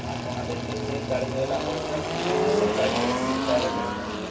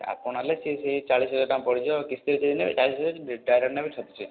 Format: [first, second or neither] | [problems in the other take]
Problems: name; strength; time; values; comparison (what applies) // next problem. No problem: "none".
second | background sound (Engine); 3 dB above the speech // room echo; dies away in 0.4 s